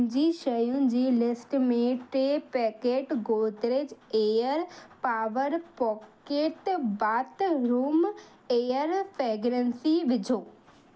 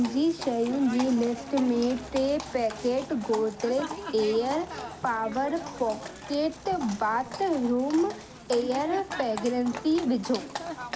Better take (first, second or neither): first